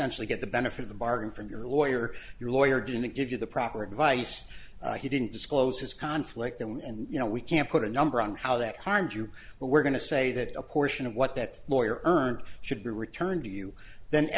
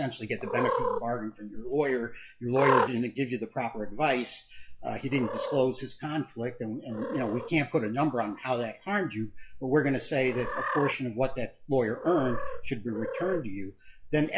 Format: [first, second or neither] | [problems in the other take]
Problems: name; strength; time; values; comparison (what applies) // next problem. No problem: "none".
first | noise reduction (classical method WPE with log-MMSE)